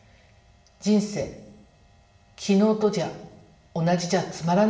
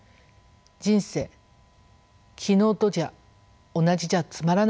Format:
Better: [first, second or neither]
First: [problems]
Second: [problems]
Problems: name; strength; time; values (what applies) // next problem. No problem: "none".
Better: second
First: room echo; dies away in 0.8 s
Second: none